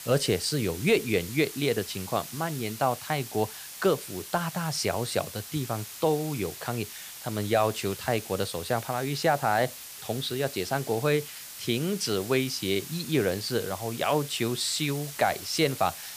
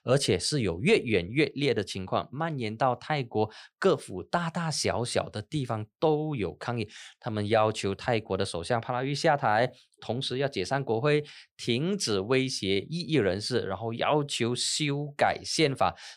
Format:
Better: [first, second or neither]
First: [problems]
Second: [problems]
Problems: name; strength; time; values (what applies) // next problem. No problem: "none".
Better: second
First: hiss; noticeable; throughout; 10 dB below the speech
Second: none